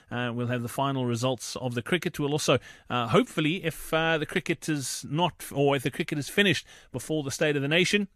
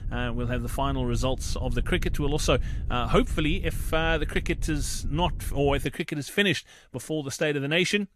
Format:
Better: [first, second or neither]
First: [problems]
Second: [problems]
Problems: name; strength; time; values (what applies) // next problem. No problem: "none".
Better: first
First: none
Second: low rumble; faint; until 6 s; 25 dB below the speech